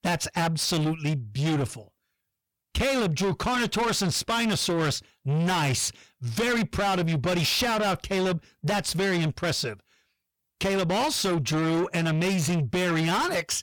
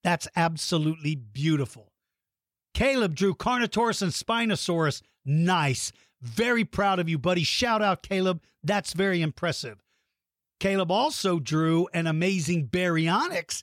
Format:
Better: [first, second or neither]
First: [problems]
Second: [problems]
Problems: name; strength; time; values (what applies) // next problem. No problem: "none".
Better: second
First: distortion; heavy; 7 dB below the speech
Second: none